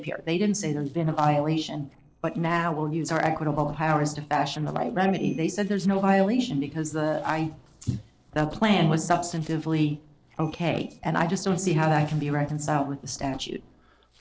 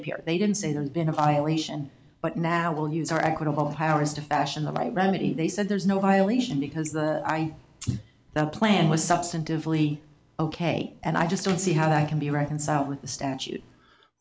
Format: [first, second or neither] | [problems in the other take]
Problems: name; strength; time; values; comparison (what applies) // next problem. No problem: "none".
second | noise reduction (neural separator model SepFormer DNS4)